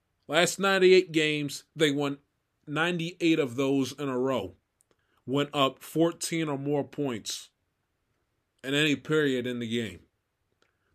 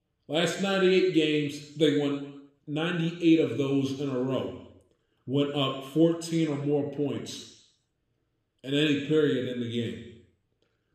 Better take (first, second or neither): first